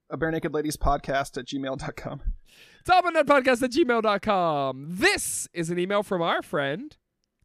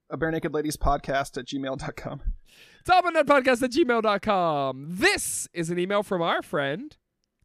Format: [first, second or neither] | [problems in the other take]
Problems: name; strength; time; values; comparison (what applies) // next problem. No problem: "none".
neither | none